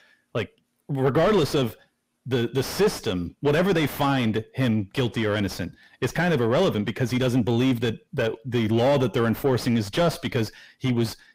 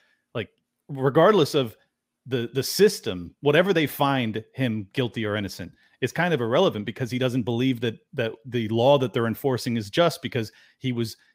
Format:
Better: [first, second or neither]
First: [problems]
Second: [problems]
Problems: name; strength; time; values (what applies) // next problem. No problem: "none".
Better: second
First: distortion; heavy; 6 dB below the speech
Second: none